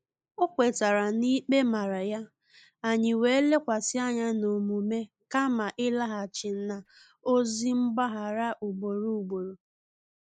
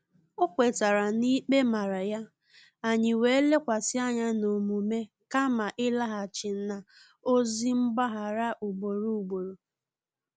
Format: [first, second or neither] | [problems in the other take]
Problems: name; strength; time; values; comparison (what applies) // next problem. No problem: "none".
second | noise reduction (neural mask model Resemble Enhance denoiser)